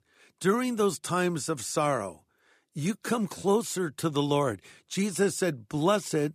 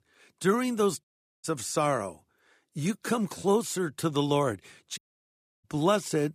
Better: first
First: none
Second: audio cutting out; at 1 s and at 5 s for 0.5 s

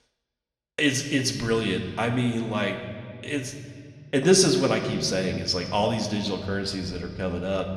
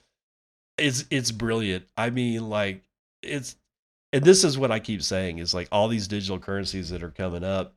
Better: second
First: room echo; slight; dies away in 1.7 s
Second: none

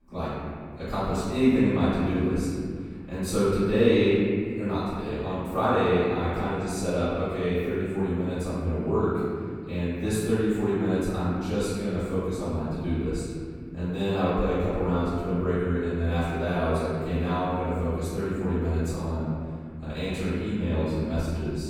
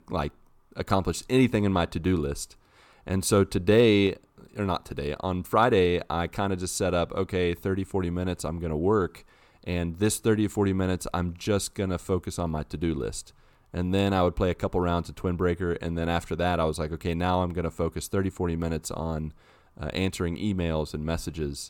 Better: second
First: off-mic speech; far // room echo; strong; dies away in 2.3 s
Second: none

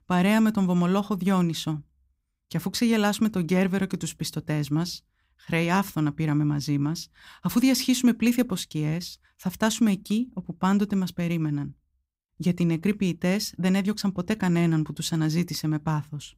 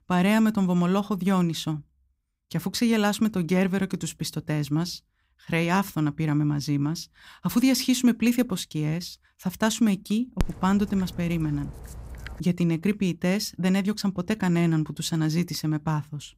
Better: first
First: none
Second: dog barking; noticeable; from 10 to 12 s; peak 8 dB below the speech

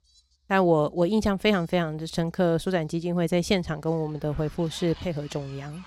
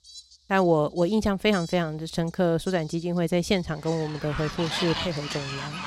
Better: first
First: animal sounds; faint; throughout; 25 dB below the speech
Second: animal sounds; loud; throughout; 8 dB below the speech

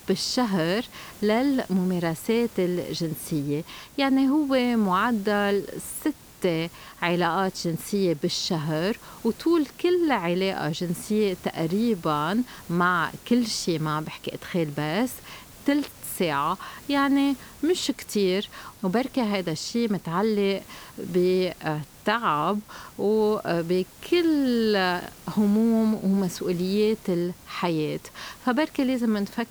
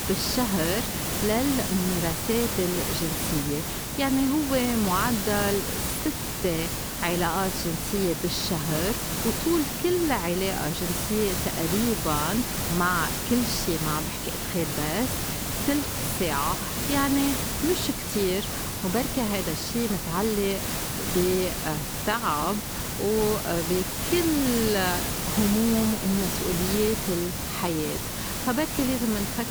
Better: first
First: hiss; faint; throughout; 20 dB below the speech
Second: hiss; loud; throughout; as loud as the speech

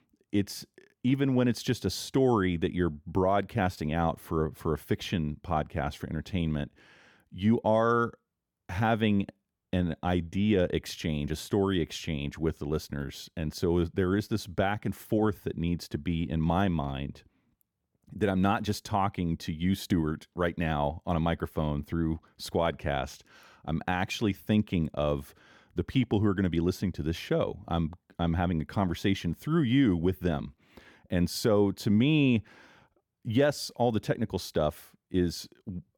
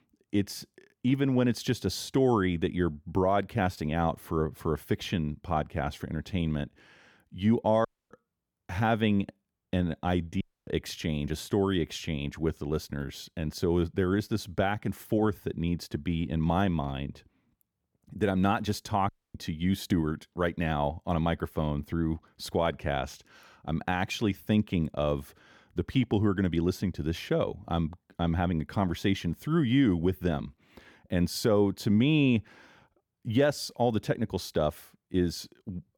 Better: first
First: none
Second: audio cutting out; at 8 s, at 10 s and at 19 s

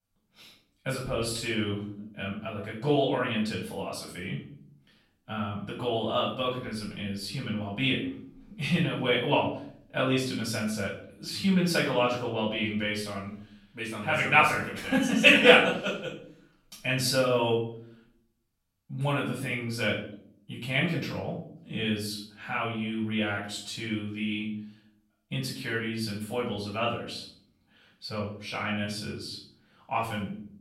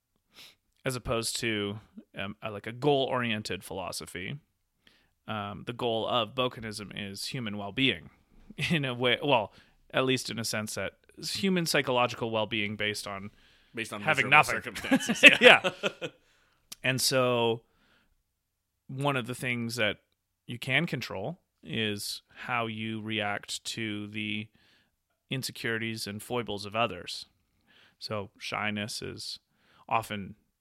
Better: second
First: off-mic speech; far // room echo; noticeable; dies away in 0.6 s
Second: none

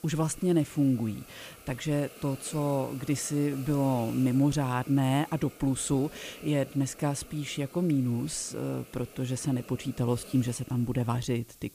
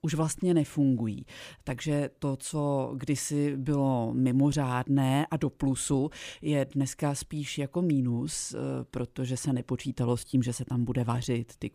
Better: second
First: hiss; noticeable; throughout; 20 dB below the speech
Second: none

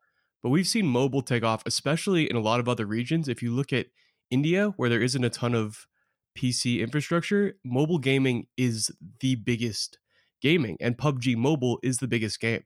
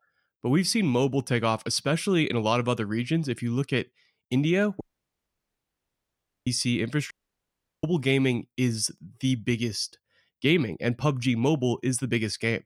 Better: first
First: none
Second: audio cutting out; at 5 s for 1.5 s and at 7 s for 0.5 s

